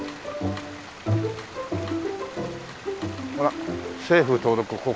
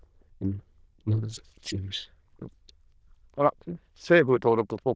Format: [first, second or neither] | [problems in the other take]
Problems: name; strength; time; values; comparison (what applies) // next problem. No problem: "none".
first | noise reduction (neural diffusion model UNIVERSE++)